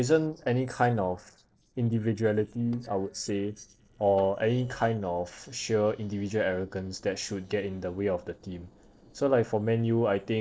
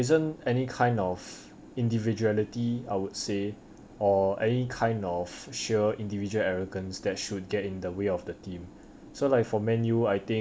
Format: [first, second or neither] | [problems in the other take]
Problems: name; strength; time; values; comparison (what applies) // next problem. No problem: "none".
second | noise reduction (neural separator model SepFormer DNS4)